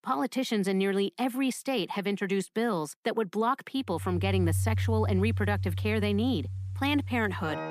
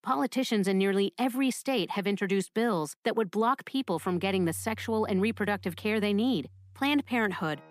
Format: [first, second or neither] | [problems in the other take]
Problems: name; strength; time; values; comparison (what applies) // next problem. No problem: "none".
second | background music; loud; from 4 s on; 3 dB below the speech; faint in the second